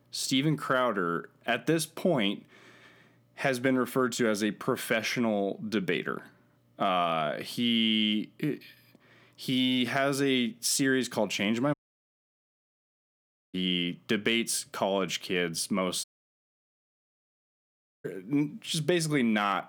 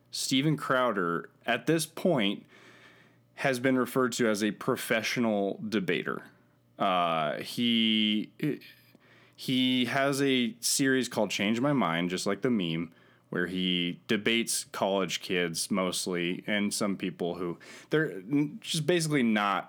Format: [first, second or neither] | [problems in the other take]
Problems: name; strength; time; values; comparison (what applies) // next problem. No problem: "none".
second | audio cutting out; at 12 s for 2 s and at 16 s for 2 s